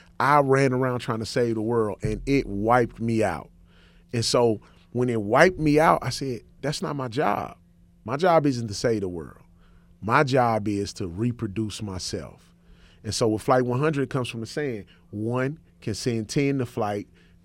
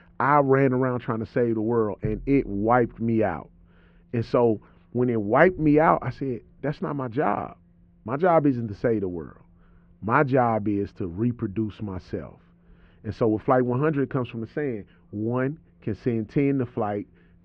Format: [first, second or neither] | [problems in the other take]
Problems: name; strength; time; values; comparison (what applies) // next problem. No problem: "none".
first | muffled; very; fading above 2 kHz